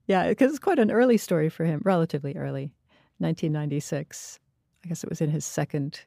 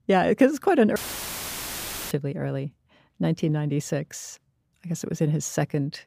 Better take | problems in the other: first | audio cutting out; filled with static; at 1 s for 1 s

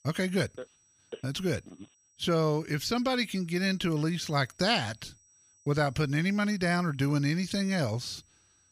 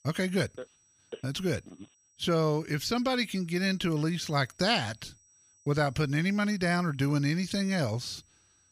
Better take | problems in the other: neither | high-pitched whine; faint; throughout; 5.5 kHz, 35 dB below the speech; the same in both

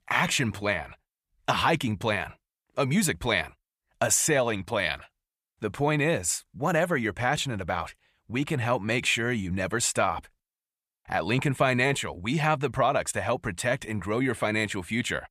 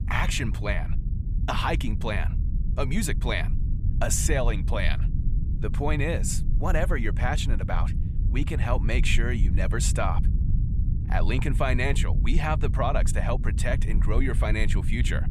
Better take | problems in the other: first | low rumble; noticeable; throughout; 15 dB below the speech

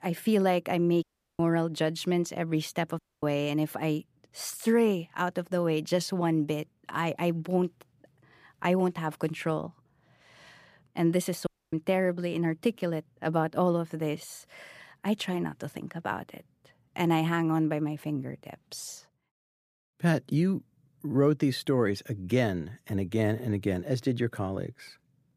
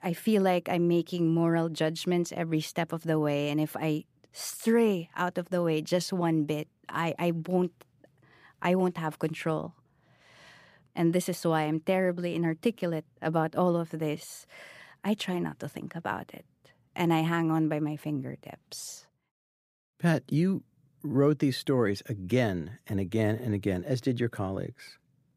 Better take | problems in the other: second | audio cutting out; at 1 s, at 3 s and at 11 s

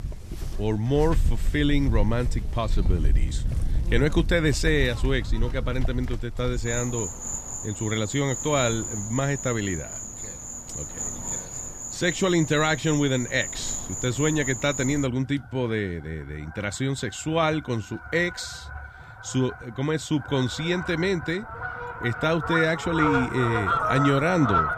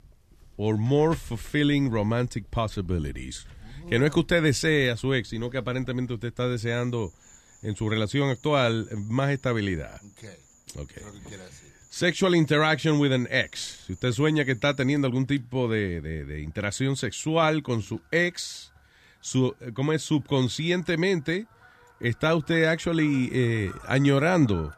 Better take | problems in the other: second | animal sounds; loud; throughout; 4 dB below the speech; faint in the second

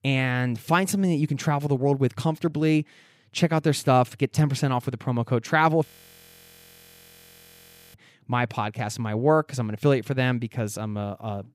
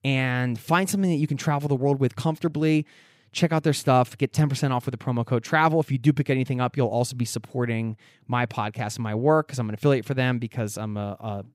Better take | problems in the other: second | audio freezing; at 6 s for 2 s

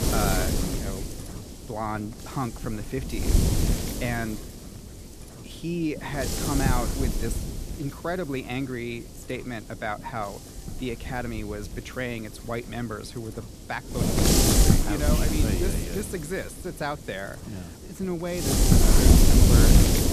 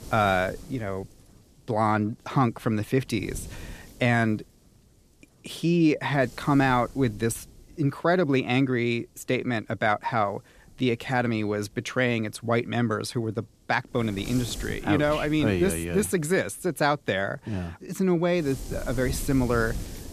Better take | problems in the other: second | wind noise on the microphone; heavy; 5 dB above the speech; occasional gusts in the second

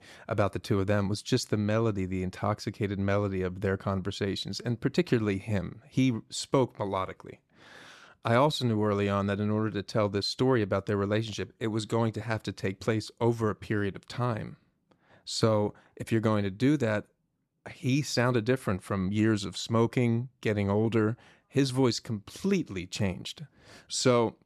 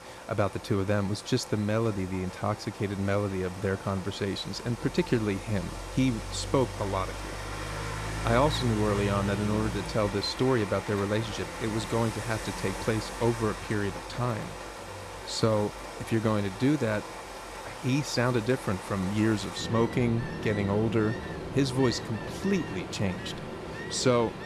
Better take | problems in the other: first | rain or running water; loud; throughout; 8 dB below the speech

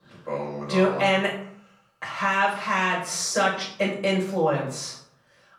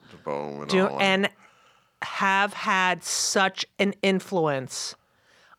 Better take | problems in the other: second | off-mic speech; far // room echo; noticeable; dies away in 0.5 s

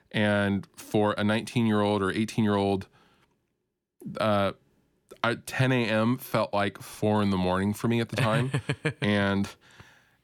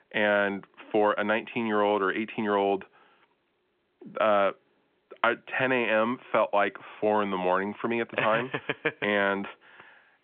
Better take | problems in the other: first | phone-call audio; nothing above 3.5 kHz

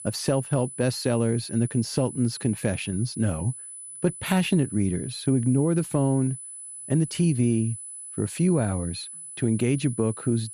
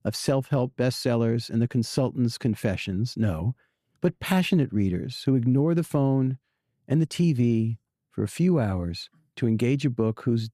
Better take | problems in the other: second | high-pitched whine; noticeable; throughout; 10 kHz, 10 dB below the speech

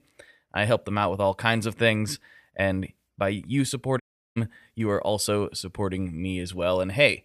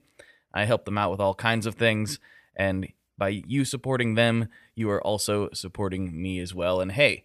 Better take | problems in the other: second | audio cutting out; at 4 s

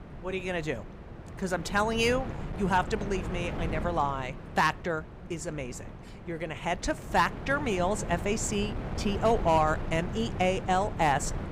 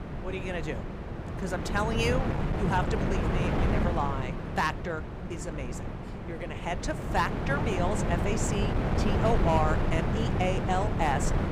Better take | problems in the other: first | wind noise on the microphone; heavy; 4 dB below the speech; occasional gusts in the first

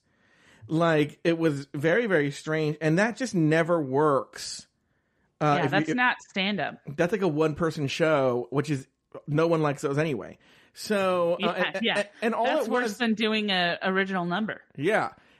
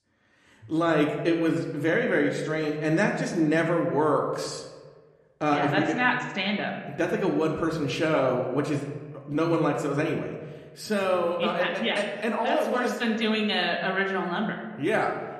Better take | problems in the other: first | room echo; slight; dies away in 1.1 s

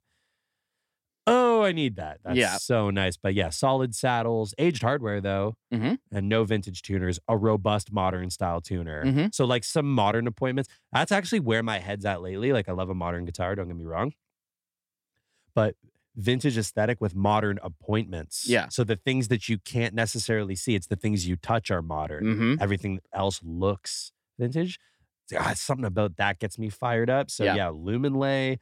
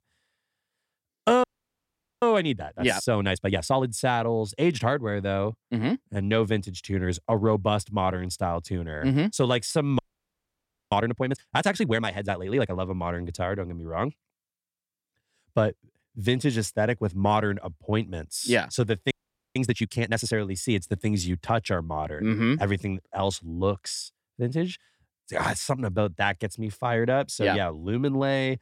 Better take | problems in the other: first | audio freezing; at 1.5 s for 1 s, at 10 s for 1 s and at 19 s

